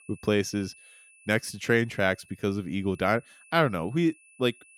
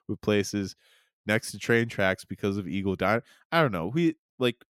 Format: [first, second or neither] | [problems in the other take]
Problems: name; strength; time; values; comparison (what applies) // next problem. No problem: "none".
second | high-pitched whine; faint; throughout; 2.5 kHz, 25 dB below the speech